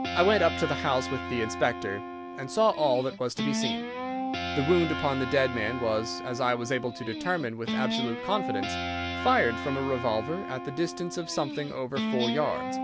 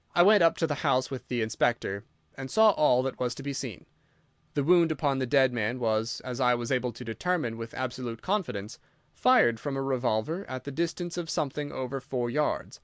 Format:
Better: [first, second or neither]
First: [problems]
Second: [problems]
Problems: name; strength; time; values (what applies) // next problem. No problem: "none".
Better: second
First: background sound (Guitar); 4 dB below the speech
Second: none